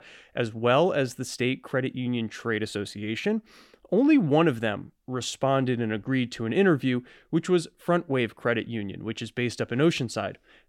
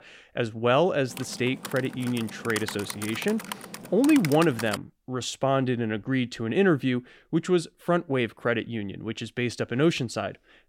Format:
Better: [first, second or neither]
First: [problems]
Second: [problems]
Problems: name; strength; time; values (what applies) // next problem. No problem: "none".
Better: first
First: none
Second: keyboard typing; noticeable; from 1 to 5 s; peak 6 dB below the speech